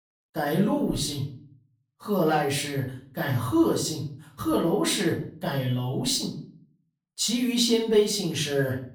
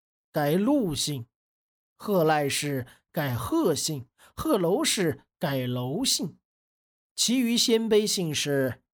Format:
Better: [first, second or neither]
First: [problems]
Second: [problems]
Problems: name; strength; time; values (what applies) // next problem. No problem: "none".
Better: second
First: room echo; slight; dies away in 0.4 s // off-mic speech; far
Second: none